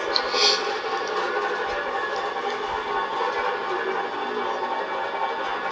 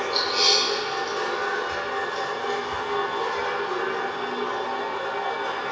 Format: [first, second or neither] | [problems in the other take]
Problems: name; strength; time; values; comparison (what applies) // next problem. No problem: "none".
first | room echo; dies away in 1.1 s